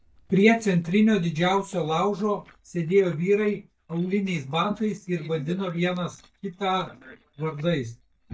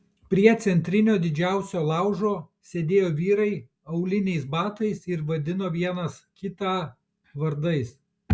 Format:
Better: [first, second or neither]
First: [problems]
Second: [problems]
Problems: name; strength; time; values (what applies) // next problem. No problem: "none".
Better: second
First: noise reduction (neural mask model DeepFilterNet 3)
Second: none